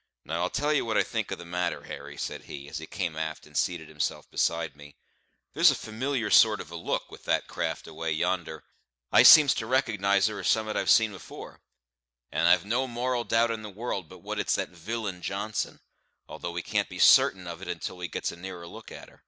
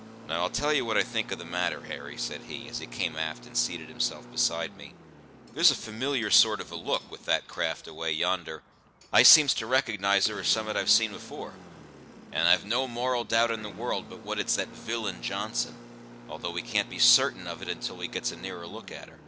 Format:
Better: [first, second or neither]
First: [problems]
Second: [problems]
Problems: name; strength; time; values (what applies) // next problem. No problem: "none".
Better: first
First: none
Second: background sound (Engine); 17 dB below the speech